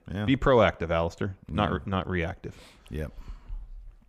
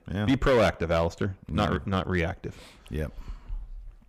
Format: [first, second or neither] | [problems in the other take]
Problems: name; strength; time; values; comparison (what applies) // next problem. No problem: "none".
first | distortion; slight; 3% of the sound clipped